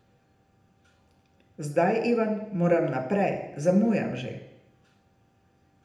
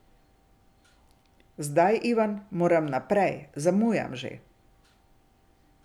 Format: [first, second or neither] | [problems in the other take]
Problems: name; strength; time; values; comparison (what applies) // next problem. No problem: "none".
second | room echo; dies away in 0.8 s